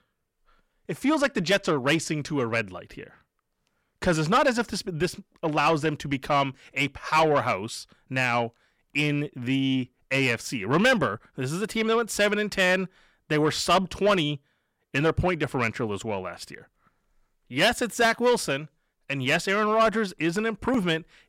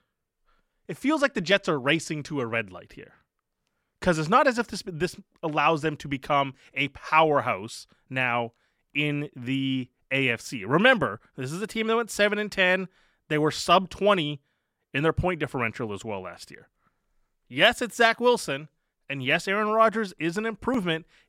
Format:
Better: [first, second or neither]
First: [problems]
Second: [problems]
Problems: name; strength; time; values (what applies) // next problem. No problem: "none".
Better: second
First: distortion; slight; 10 dB below the speech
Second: none